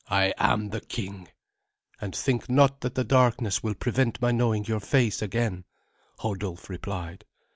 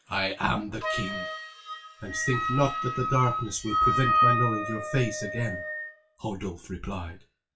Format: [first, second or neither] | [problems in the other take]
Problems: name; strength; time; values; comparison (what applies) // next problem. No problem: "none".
first | noise reduction (classical method WPE with log-MMSE)